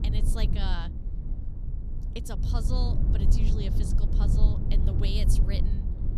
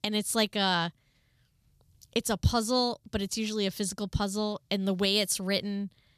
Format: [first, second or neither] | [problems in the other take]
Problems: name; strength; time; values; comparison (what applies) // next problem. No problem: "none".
second | low rumble; loud; throughout; 3 dB below the speech